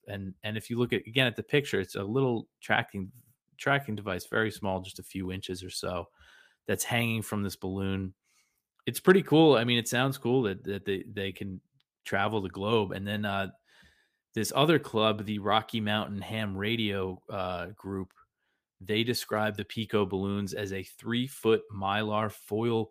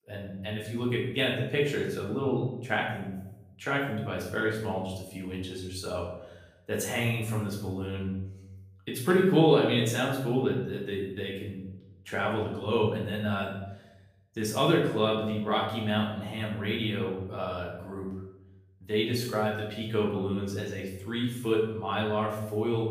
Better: first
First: none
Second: room echo; noticeable; dies away in 0.8 s // off-mic speech; far

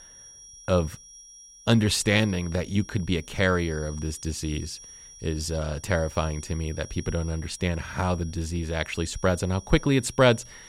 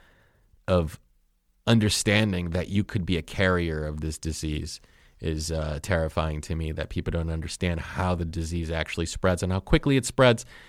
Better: second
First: high-pitched whine; noticeable; throughout; 5.5 kHz, 20 dB below the speech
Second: none

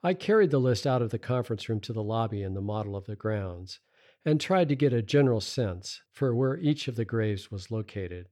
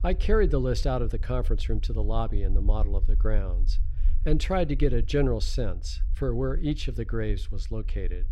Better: first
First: none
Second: low rumble; faint; throughout; 20 dB below the speech

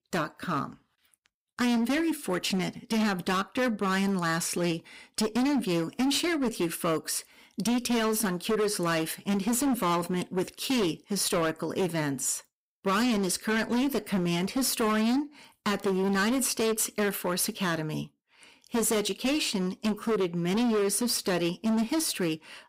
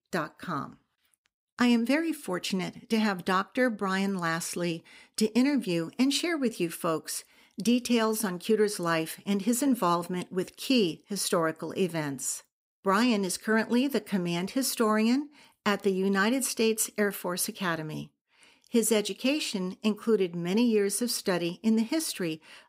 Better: second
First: distortion; heavy; 18% of the sound clipped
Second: none

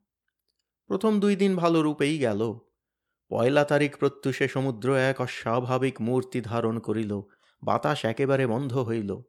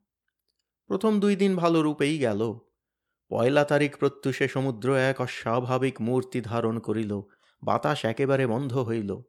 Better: neither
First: none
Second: none

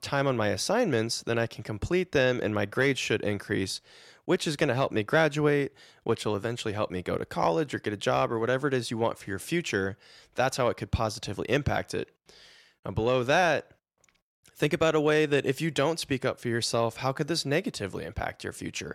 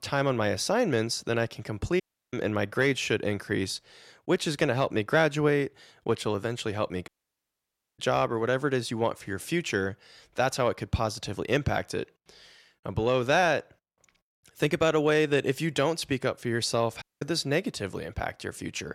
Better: first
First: none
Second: audio cutting out; at 2 s, at 7 s for 1 s and at 17 s

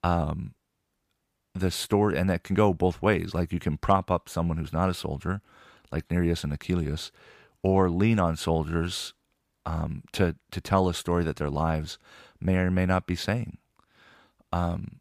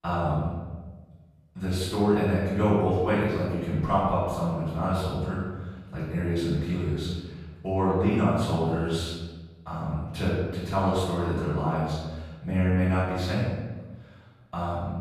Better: first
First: none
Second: off-mic speech; far // room echo; strong; dies away in 1.3 s

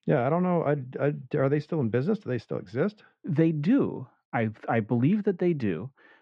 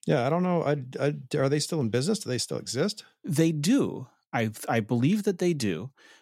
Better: second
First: muffled; very; fading above 2 kHz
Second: none

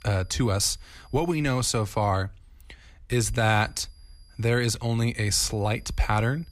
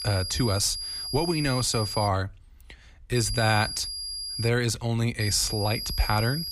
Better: first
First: high-pitched whine; faint; until 2 s, from 3 to 4.5 s and from 5 s on; 5 kHz, 35 dB below the speech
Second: high-pitched whine; loud; until 2 s, from 3 to 4.5 s and from 5 s on; 5 kHz, 5 dB below the speech

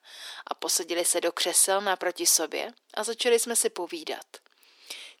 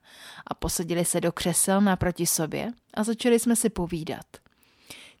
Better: second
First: thin; very; fading below 350 Hz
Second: none

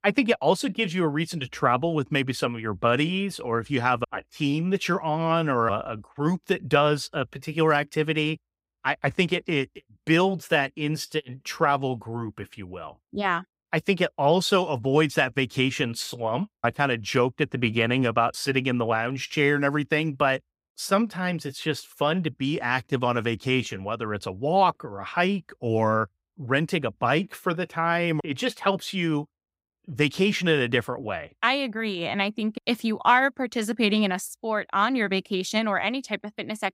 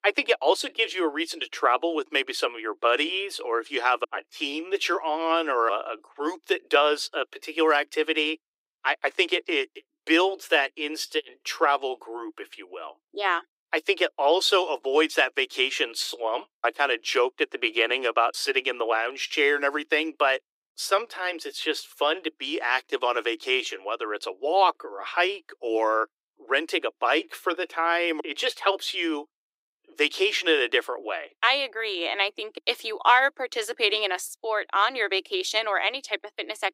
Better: first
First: none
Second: thin; very; fading below 300 Hz

